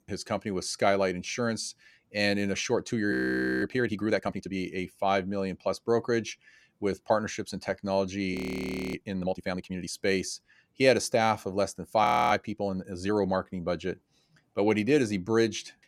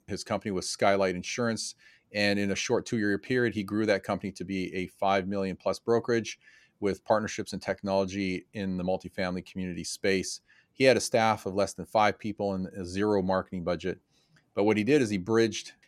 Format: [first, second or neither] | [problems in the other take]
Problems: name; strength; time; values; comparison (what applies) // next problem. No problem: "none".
second | audio freezing; at 3 s for 0.5 s, at 8.5 s for 0.5 s and at 12 s